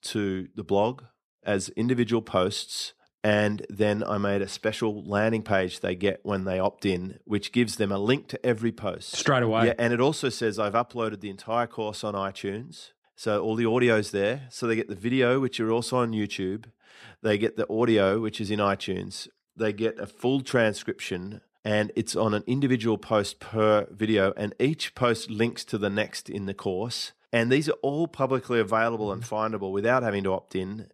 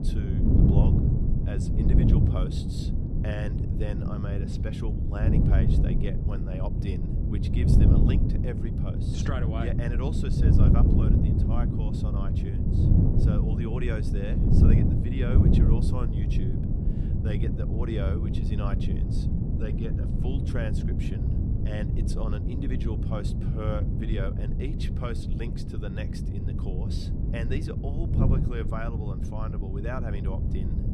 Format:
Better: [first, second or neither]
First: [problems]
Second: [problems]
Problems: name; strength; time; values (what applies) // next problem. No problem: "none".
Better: first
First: none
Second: wind noise on the microphone; heavy; 2 dB above the speech